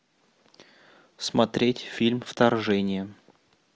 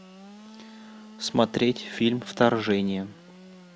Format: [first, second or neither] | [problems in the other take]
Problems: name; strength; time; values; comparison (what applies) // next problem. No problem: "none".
first | background sound (Sawing / Engine); 19 dB below the speech